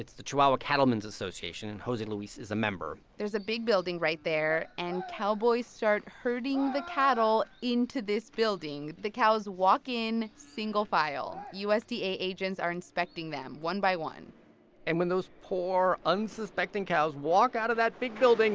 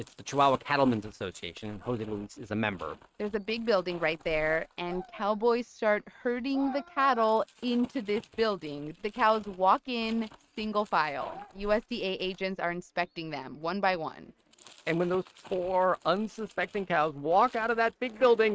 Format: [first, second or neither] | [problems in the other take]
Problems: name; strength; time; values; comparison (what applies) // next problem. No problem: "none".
first | noise reduction (neural mask model RNNoise)